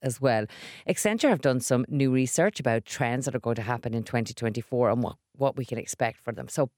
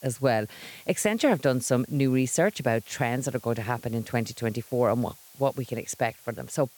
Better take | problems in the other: first | hiss; faint; throughout; 20 dB below the speech

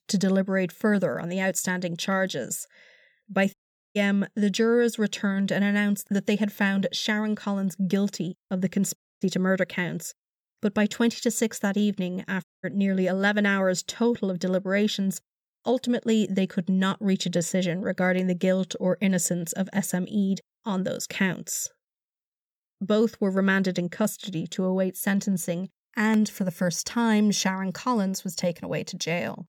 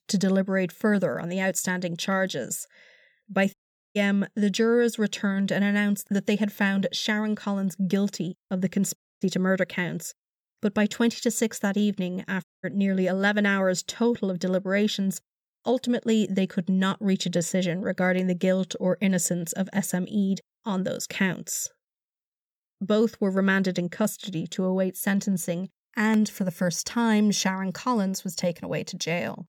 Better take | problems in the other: neither | audio cutting out; at 3.5 s, at 9 s and at 12 s; the same in both

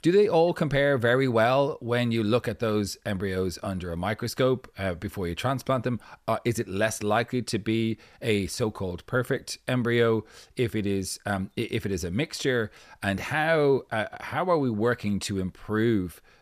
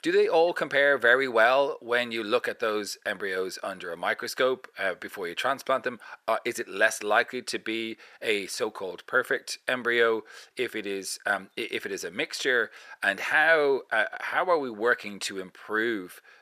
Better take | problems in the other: first | thin; very; fading below 450 Hz

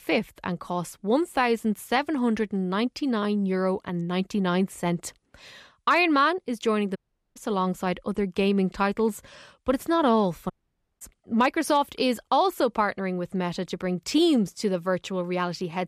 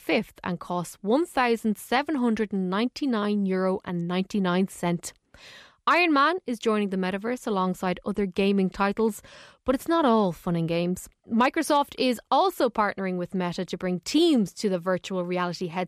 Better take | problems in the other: second | audio cutting out; at 7 s and at 11 s for 0.5 s

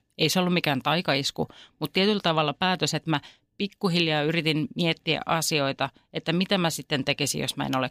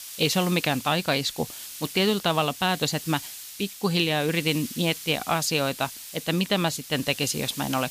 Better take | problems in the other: first | hiss; noticeable; throughout; 10 dB below the speech

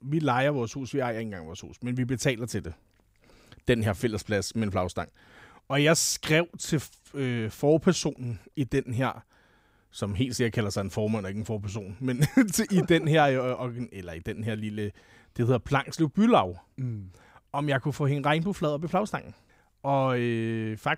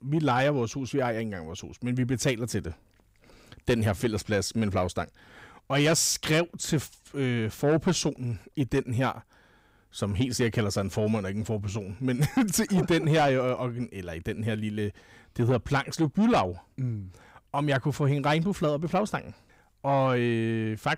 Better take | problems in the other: first | distortion; slight; 10 dB below the speech

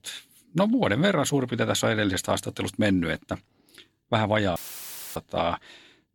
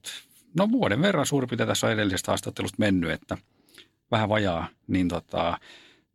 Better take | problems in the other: second | audio cutting out; filled with static; at 4.5 s for 0.5 s

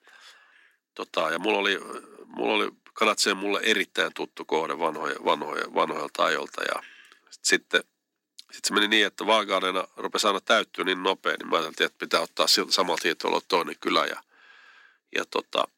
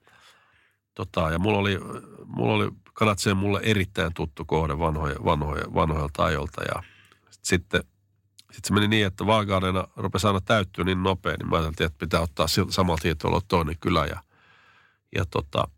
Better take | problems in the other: second | thin; somewhat; fading below 250 Hz

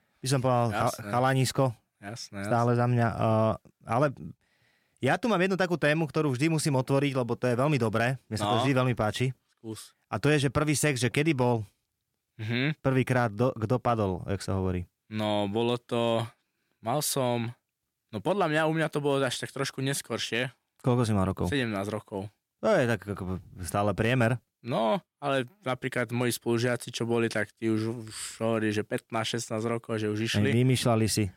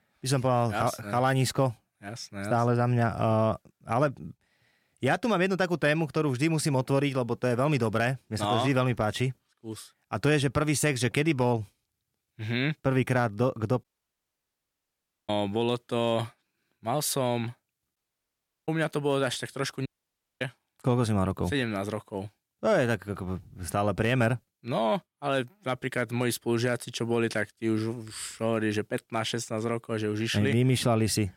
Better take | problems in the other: first | audio cutting out; at 14 s for 1.5 s, at 18 s for 0.5 s and at 20 s for 0.5 s

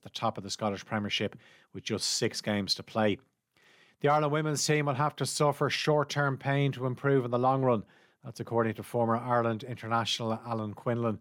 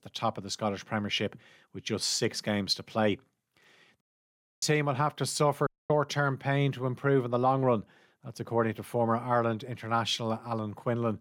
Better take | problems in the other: first | audio cutting out; at 4 s for 0.5 s and at 5.5 s

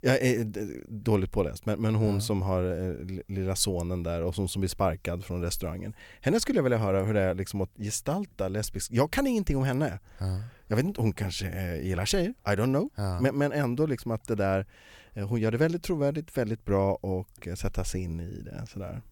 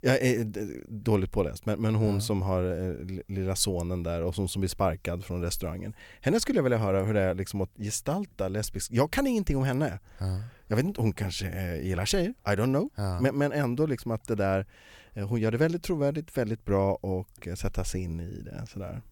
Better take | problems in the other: neither | none

